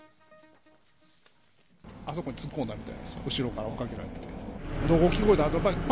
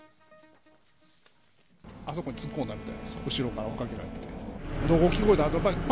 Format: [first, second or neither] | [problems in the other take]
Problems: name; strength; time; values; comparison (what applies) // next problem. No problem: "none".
first | background sound (Wind instrument, woodwind instrument); 17 dB below the speech